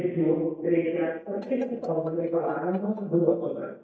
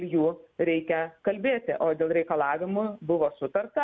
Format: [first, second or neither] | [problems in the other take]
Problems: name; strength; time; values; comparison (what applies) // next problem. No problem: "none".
second | noise reduction (neural mask model DeepFilterNet 3)